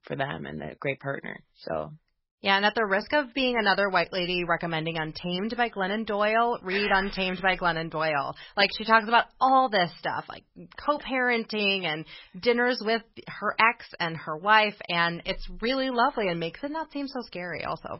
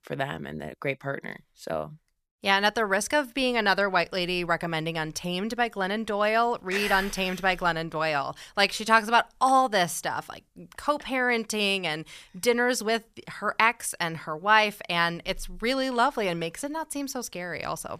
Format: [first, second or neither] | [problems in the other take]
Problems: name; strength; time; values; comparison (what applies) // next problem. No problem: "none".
second | garbled, watery; badly; nothing above 5.5 kHz